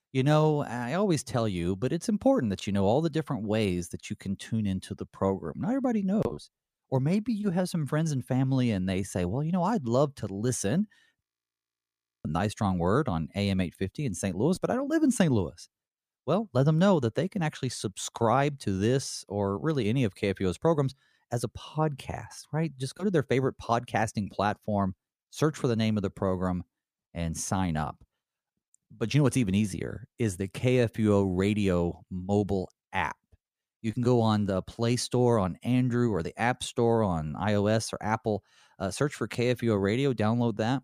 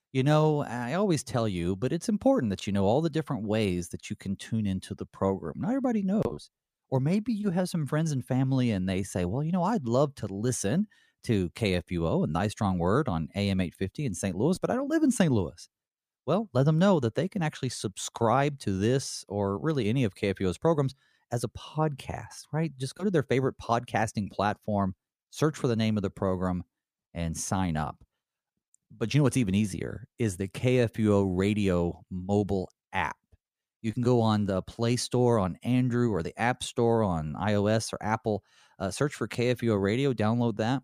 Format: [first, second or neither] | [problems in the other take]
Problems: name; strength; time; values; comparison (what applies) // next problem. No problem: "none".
second | audio freezing; at 11 s for 1 s